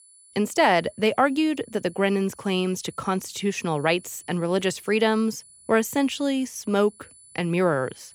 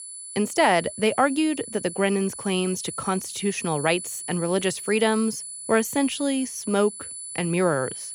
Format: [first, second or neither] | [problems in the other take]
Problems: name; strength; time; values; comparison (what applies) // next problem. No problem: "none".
first | high-pitched whine; loud; throughout; 10 kHz, 10 dB below the speech; faint in the first